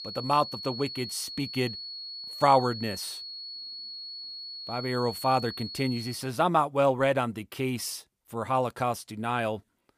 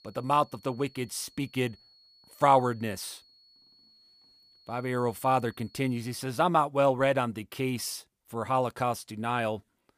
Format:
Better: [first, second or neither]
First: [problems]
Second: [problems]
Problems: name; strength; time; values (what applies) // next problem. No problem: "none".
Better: second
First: high-pitched whine; loud; until 6 s; 4.5 kHz, 9 dB below the speech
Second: high-pitched whine; faint; until 6 s; 4.5 kHz, 30 dB below the speech